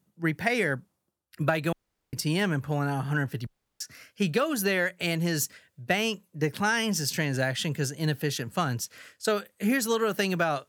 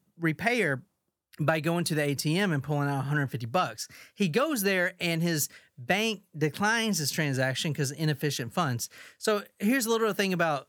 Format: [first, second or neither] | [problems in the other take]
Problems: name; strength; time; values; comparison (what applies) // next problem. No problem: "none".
second | audio cutting out; at 1.5 s and at 3.5 s